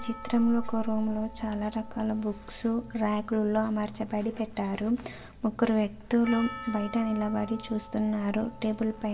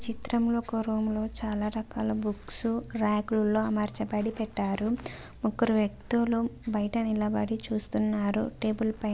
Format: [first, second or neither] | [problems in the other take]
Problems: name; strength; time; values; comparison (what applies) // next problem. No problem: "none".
second | background sound (Percussion); 18 dB below the speech // room echo; dies away in 1.4 s